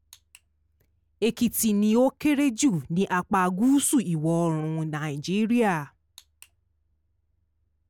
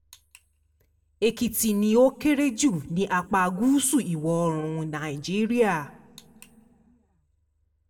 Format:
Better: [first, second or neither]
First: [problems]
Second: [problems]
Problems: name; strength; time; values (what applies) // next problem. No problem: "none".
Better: first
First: none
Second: room echo; dies away in 0.7 s